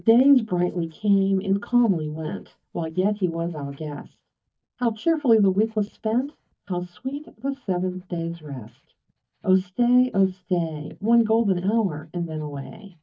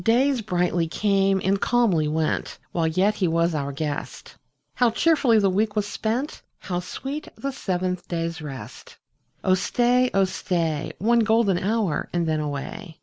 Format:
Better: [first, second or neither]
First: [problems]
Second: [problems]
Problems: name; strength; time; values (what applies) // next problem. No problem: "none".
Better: second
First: noise reduction (neural mask model DeepFilterNet 3)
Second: none